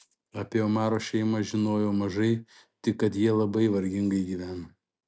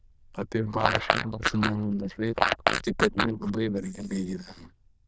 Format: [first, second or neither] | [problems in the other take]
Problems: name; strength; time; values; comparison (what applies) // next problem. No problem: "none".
first | noise reduction (neural diffusion model UNIVERSE++)